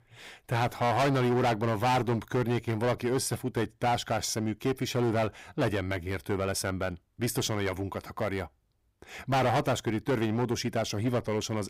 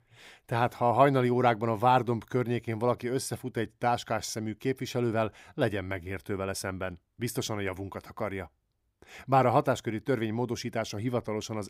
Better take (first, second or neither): second